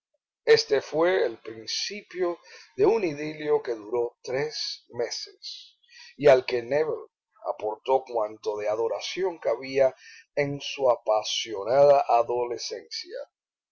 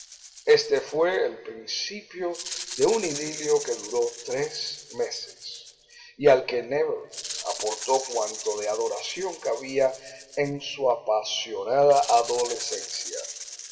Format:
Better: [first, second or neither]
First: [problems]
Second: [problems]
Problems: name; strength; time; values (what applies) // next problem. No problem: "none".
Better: first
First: none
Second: background sound (Rattle (instrument)); 12 dB below the speech // room echo; dies away in 1.5 s